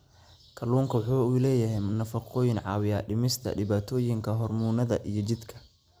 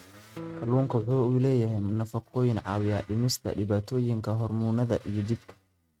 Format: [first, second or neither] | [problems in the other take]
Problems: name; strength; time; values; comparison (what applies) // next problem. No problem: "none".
first | noise reduction (neural mask model RNNoise)